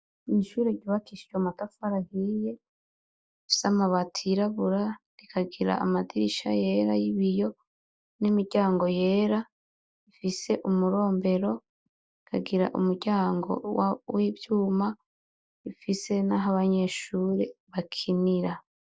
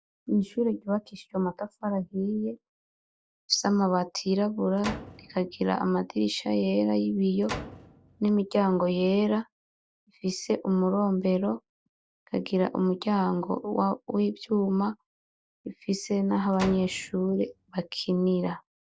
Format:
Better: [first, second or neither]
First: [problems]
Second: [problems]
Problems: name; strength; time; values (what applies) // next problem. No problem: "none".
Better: first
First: none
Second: background sound (Slam); 15 dB below the speech